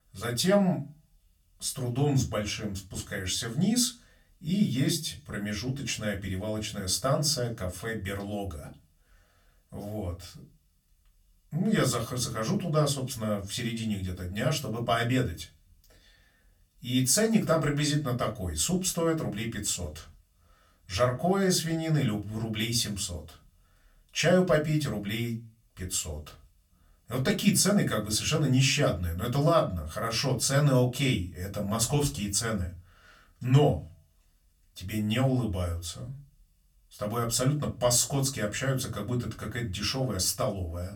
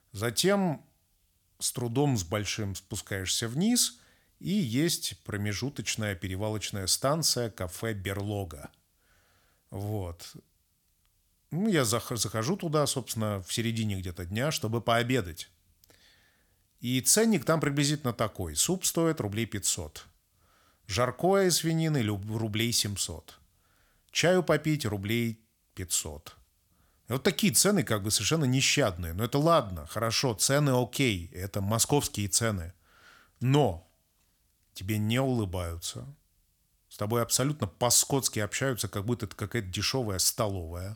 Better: second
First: off-mic speech; far // room echo; very slight; dies away in 0.2 s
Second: none

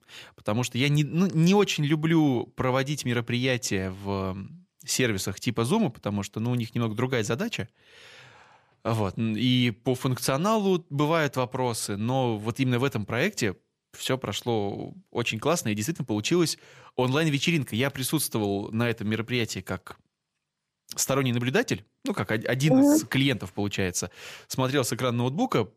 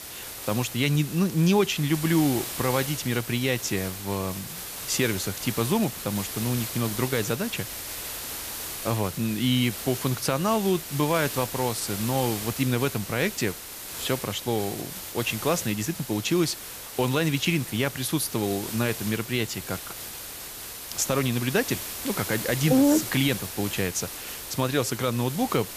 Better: first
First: none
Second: hiss; loud; throughout; 7 dB below the speech

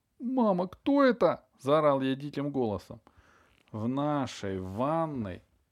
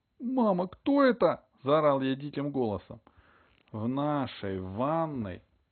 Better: first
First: none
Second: garbled, watery; badly; nothing above 4 kHz

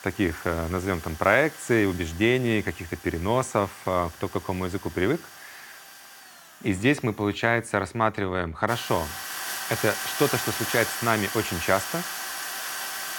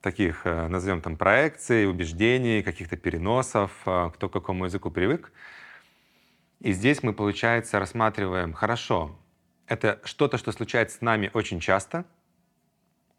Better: second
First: machinery noise; loud; throughout; 8 dB below the speech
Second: none

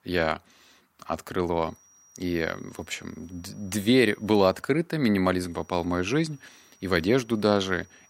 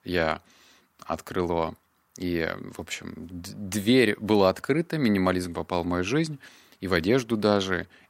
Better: second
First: high-pitched whine; faint; from 1.5 to 4.5 s and from 5.5 s on; 5.5 kHz, 30 dB below the speech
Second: none

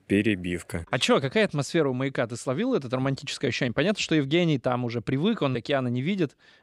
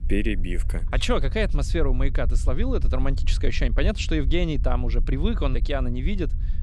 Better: first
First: none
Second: low rumble; noticeable; throughout; 20 dB below the speech

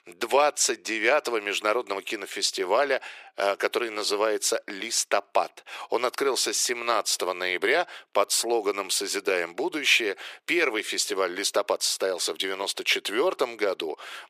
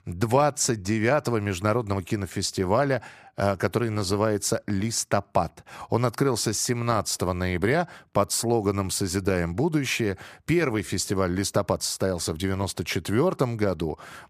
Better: second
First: thin; very; fading below 400 Hz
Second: none

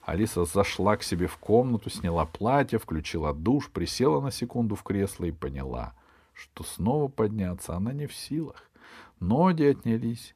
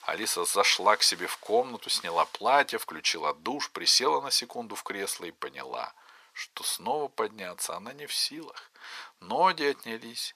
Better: first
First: none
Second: thin; very; fading below 800 Hz

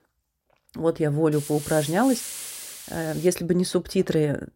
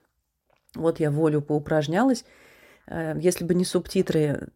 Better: second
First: hiss; very faint; from 1.5 to 3.5 s; 10 dB below the speech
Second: none

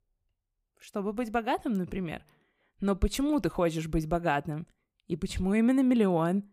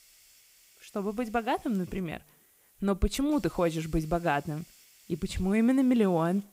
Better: first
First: none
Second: hiss; faint; throughout; 25 dB below the speech

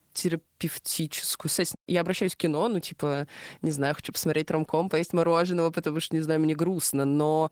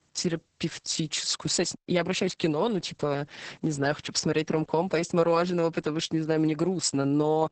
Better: first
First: garbled, watery; slightly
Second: garbled, watery; badly; nothing above 8 kHz

